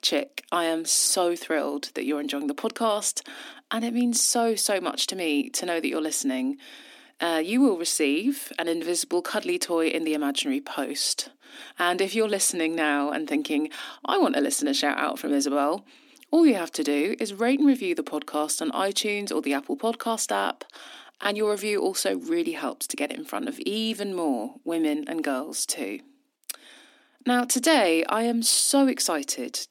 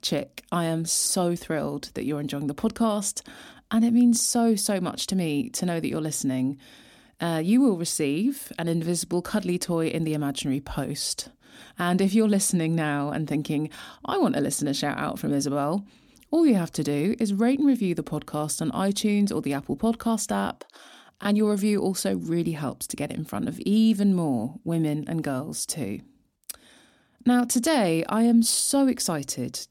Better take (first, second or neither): second